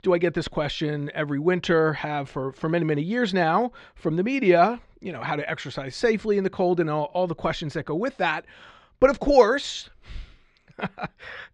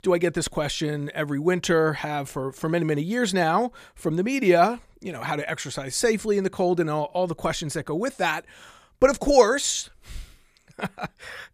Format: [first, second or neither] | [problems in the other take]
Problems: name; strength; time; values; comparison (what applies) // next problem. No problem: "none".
second | muffled; slightly; fading above 4 kHz